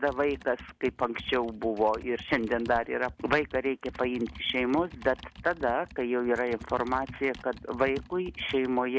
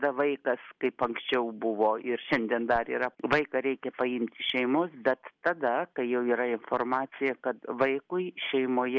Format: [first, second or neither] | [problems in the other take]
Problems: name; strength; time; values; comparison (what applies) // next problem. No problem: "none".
second | background sound (Computer keyboard); 17 dB below the speech